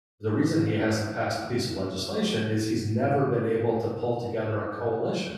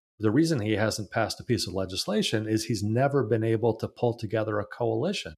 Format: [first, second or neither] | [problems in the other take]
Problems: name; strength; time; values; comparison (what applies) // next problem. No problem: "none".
second | off-mic speech; far // room echo; noticeable; dies away in 1 s